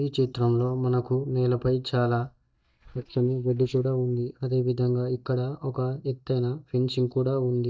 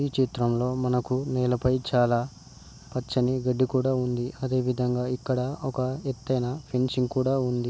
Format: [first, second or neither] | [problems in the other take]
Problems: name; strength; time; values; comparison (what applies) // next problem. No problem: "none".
second | noise reduction (neural mask model DeepFilterNet 3)